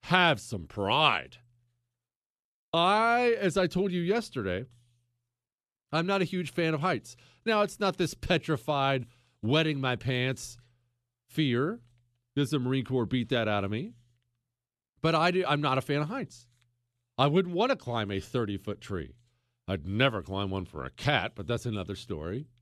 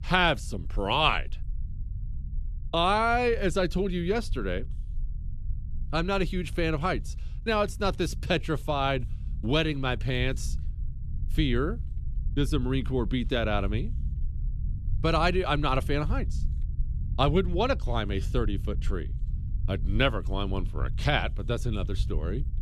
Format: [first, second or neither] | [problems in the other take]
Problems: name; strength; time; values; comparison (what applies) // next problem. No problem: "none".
first | low rumble; faint; throughout; 25 dB below the speech